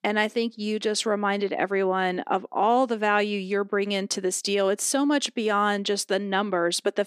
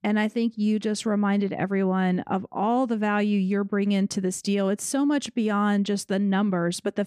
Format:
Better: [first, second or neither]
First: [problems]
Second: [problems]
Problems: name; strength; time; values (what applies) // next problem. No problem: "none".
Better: second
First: thin; somewhat; fading below 300 Hz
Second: none